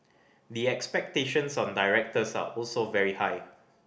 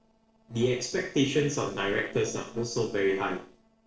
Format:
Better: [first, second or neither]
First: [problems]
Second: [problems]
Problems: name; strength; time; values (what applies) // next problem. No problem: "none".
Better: first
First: none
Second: noise reduction (neural separator model SepFormer DNS4)